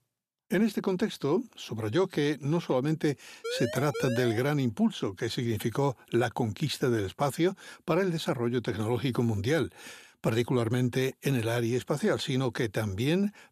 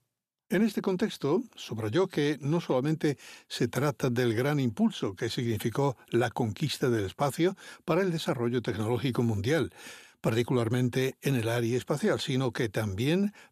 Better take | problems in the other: second | siren; noticeable; at 3.5 s; peak 6 dB below the speech

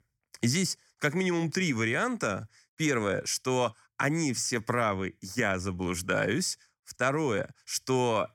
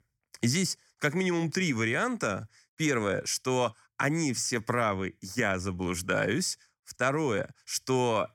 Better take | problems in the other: neither | none

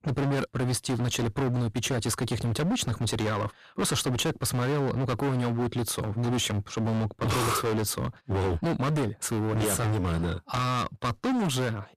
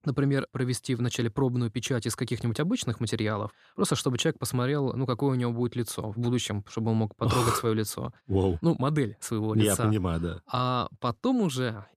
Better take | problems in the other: second | distortion; heavy; 30% of the sound clipped

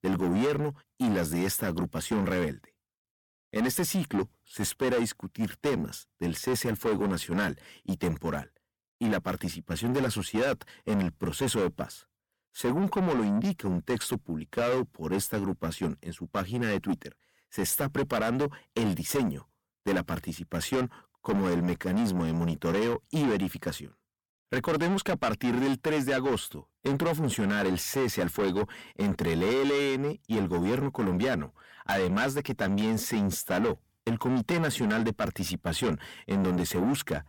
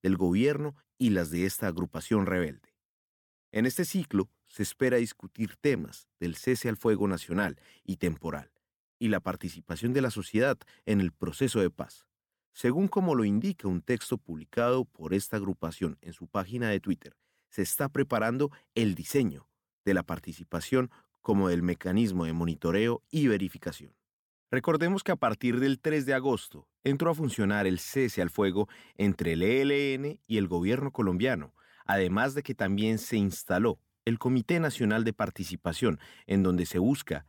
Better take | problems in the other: second | distortion; heavy; 7 dB below the speech

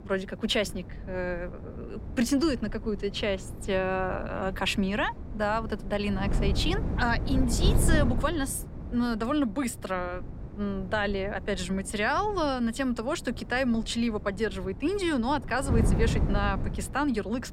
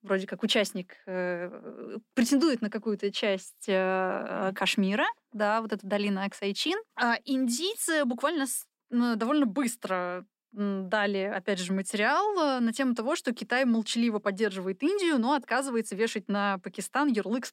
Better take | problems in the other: second | wind noise on the microphone; occasional gusts; 15 dB below the speech

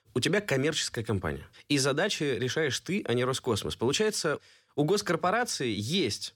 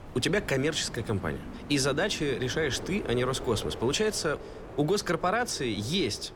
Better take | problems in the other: first | wind noise on the microphone; occasional gusts; 15 dB below the speech

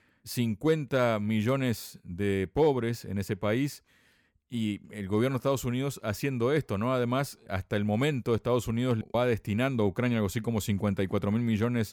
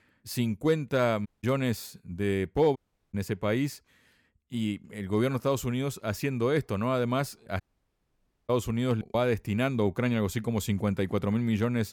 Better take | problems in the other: first | audio cutting out; at 1.5 s, at 3 s and at 7.5 s for 1 s

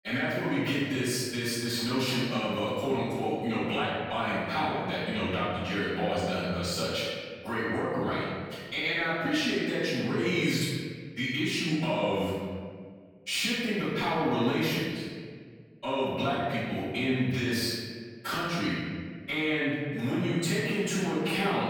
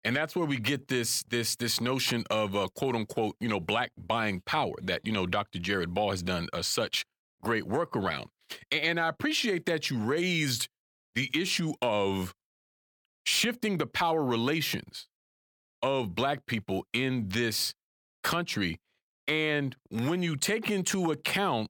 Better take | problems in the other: second | off-mic speech; far // room echo; strong; dies away in 1.7 s

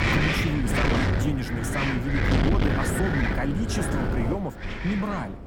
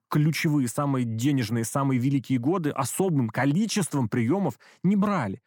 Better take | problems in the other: second | wind noise on the microphone; heavy; 4 dB above the speech

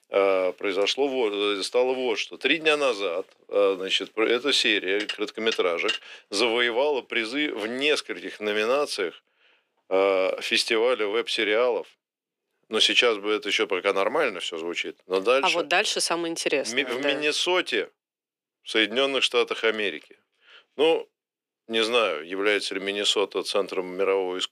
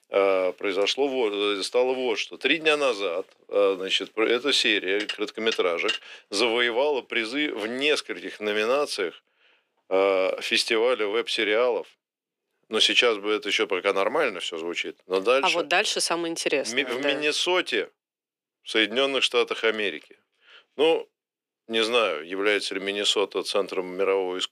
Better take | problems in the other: neither | thin; very; fading below 350 Hz; the same in both

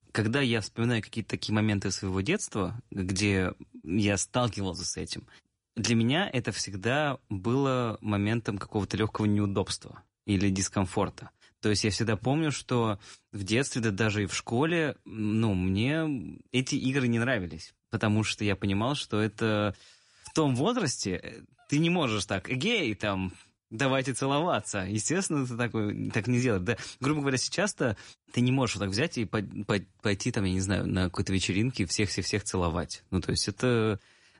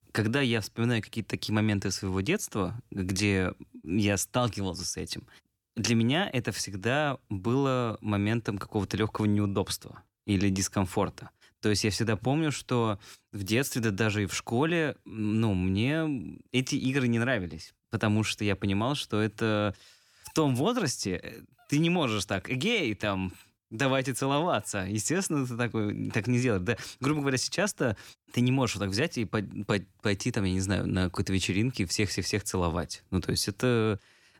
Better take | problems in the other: second | garbled, watery; slightly; nothing above 10.5 kHz

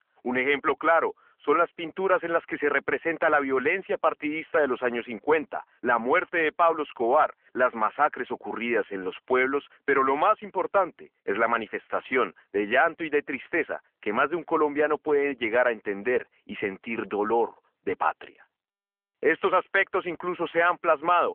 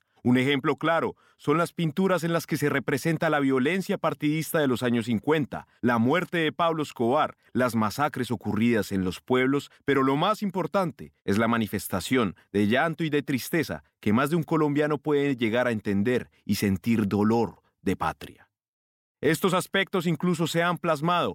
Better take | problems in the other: second | phone-call audio; nothing above 3.5 kHz

